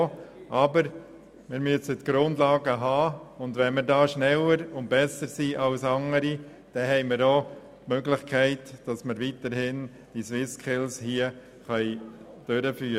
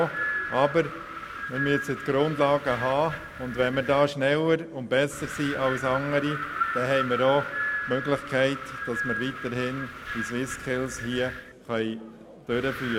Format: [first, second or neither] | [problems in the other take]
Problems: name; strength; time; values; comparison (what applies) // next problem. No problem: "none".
first | background sound (Wind); 7 dB below the speech